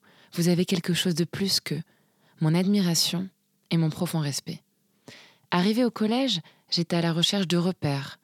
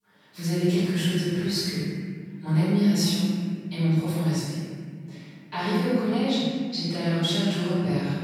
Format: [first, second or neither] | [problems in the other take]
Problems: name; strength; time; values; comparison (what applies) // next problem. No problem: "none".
first | off-mic speech; far // room echo; strong; dies away in 1.9 s